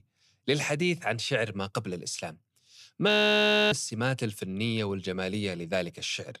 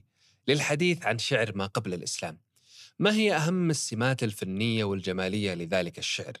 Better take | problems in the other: second | audio freezing; at 3 s for 0.5 s

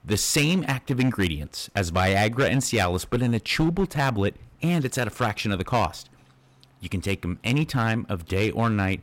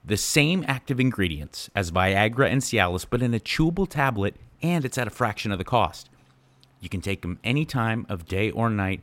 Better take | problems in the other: second | distortion; slight; 6% of the sound clipped

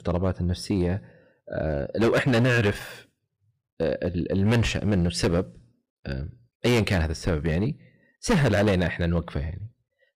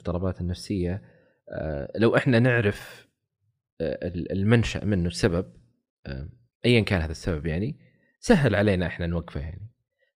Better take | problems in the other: second | distortion; heavy; 8% of the sound clipped

